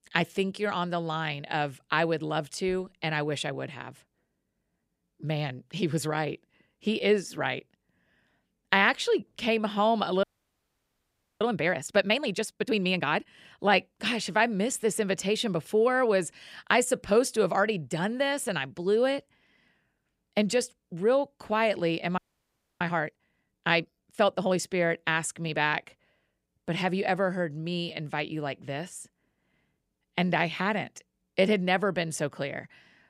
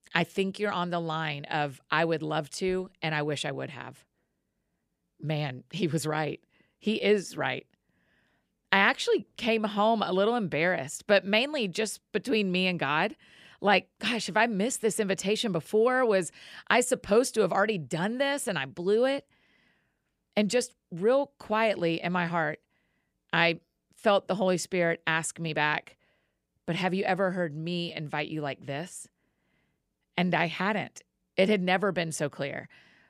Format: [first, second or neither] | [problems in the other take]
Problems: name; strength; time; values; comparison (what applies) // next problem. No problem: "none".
second | audio freezing; at 10 s for 1 s and at 22 s for 0.5 s